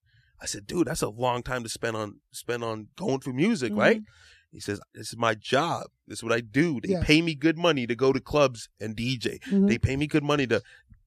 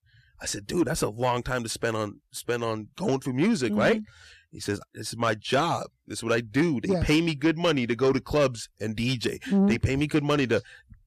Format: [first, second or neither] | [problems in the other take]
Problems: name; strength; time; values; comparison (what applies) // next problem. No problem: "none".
first | distortion; slight; 10 dB below the speech